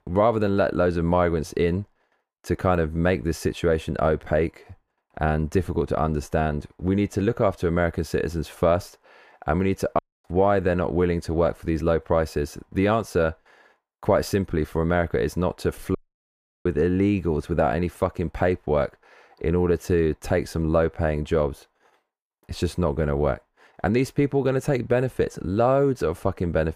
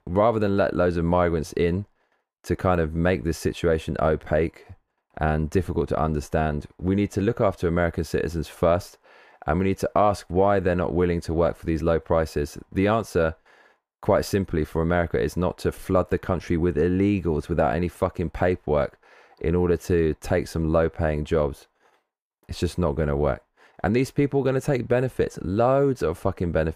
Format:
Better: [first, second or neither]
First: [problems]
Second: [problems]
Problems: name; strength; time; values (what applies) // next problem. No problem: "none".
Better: second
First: audio cutting out; at 10 s and at 16 s for 0.5 s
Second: none